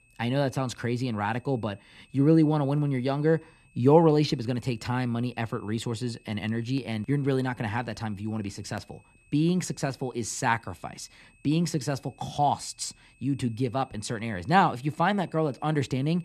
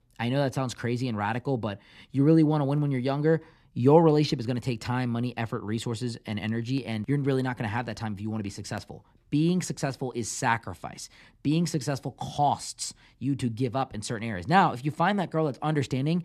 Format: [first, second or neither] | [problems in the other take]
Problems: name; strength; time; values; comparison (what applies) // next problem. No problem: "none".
second | high-pitched whine; faint; throughout; 2.5 kHz, 35 dB below the speech